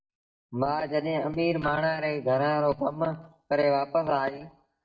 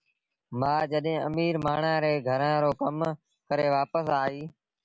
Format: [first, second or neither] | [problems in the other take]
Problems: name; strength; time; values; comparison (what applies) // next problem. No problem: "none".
second | noise reduction (neural mask model DeepFilterNet 3)